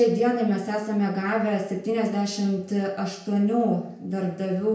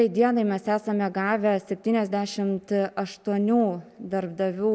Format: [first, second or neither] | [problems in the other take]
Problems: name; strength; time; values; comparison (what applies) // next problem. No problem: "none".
second | room echo; dies away in 0.5 s